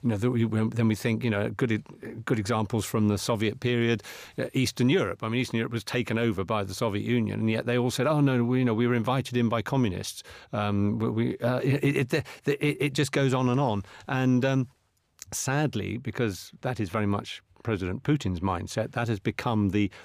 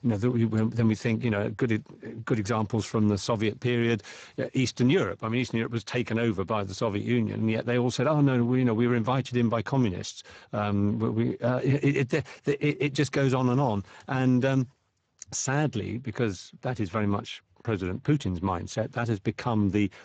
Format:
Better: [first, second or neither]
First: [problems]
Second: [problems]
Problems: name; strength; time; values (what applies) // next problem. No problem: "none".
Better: first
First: none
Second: garbled, watery; badly; nothing above 7.5 kHz